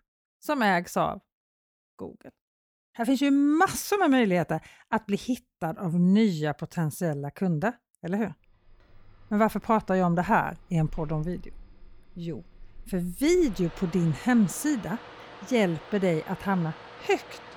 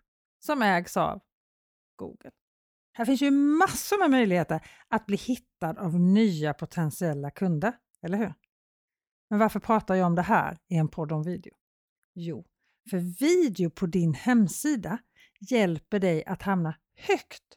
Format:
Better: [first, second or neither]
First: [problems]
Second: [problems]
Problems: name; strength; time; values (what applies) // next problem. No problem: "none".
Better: second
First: household noises; faint; from 8.5 s on; 20 dB below the speech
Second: none